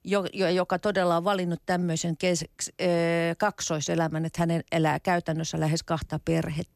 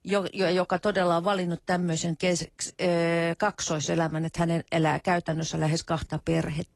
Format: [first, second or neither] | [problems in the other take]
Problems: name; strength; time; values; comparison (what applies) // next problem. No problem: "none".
first | garbled, watery; slightly; nothing above 11.5 kHz